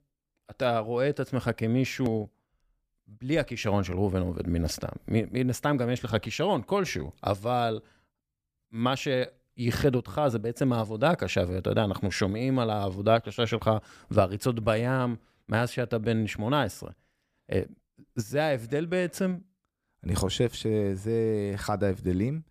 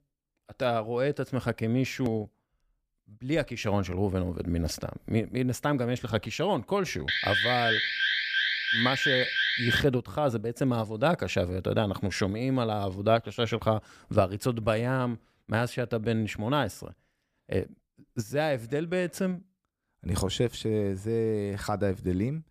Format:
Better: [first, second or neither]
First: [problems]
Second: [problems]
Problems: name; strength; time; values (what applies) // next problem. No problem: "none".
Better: first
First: none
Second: alarm; loud; from 7 to 10 s; peak 4 dB above the speech